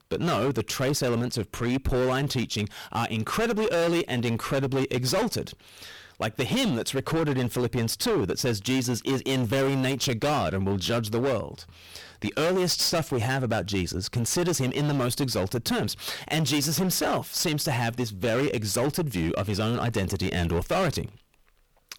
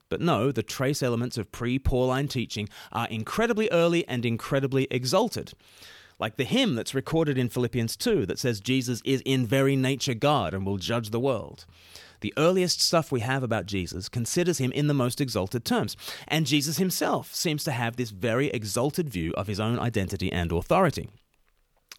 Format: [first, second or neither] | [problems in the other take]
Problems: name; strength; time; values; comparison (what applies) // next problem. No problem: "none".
second | distortion; heavy; 20% of the sound clipped